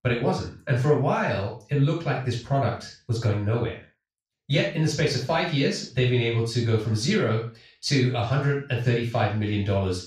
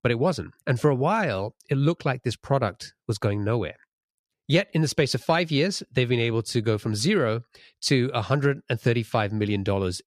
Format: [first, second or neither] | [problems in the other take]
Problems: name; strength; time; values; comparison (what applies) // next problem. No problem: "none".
second | room echo; noticeable; dies away in 0.3 s // off-mic speech; far